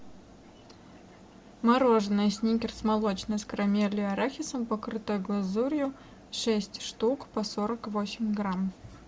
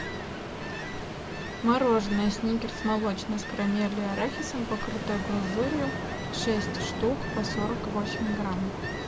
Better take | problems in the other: first | background sound (Ocean); 4 dB below the speech

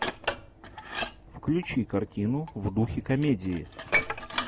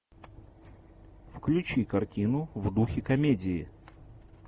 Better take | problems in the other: second | background sound (Dishes, pots, and pans); 5 dB below the speech

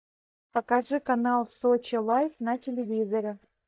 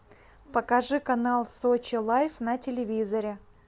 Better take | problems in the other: second | noise reduction (neural mask model DeepFilterNet 3)

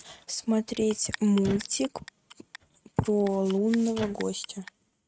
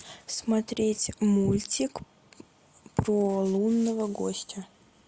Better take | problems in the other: second | noise reduction (neural mask model RNNoise)

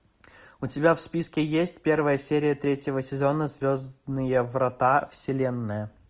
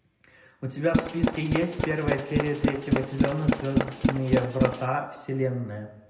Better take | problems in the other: first | background sound (Tools); 2 dB above the speech // room echo; dies away in 0.7 s

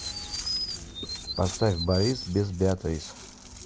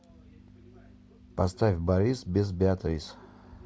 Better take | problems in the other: second | background sound (Chirp, tweet); 7 dB below the speech

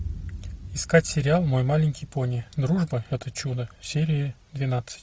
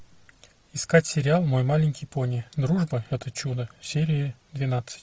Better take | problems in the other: second | background sound (Boom); 15 dB below the speech

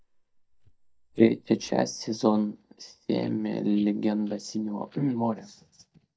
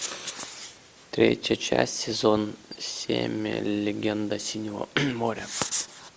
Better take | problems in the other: second | noise reduction (neural mask model DeepFilterNet 3)

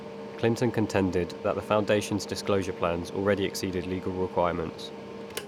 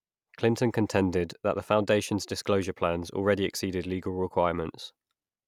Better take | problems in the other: second | background sound (Mechanical fan); 11 dB below the speech

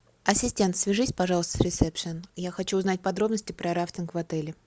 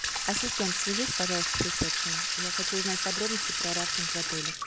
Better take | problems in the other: first | background sound (Sink (filling or washing) / Water tap, faucet); 5 dB above the speech

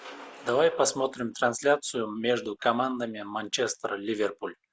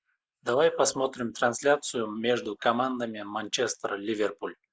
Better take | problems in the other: first | noise reduction (neural mask model Resemble Enhance denoiser)

